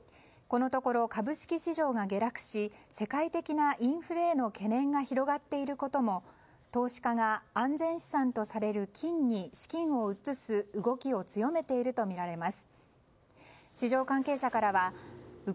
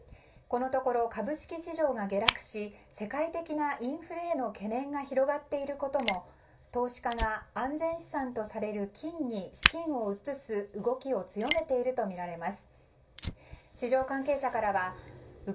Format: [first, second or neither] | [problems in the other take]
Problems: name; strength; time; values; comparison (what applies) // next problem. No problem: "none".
first | background sound (Fire); 8 dB below the speech // room echo; dies away in 0.2 s